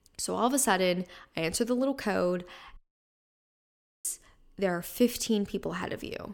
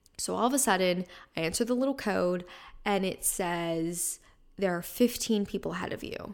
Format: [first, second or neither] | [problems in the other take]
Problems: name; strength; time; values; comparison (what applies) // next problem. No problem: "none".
second | audio cutting out; at 3 s for 1.5 s